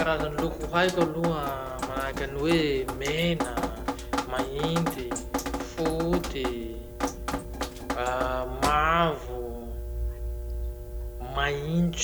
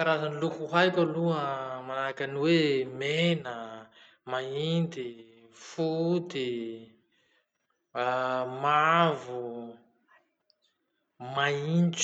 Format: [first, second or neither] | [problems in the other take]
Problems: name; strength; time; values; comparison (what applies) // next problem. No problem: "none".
second | background sound (Drip); 3 dB below the speech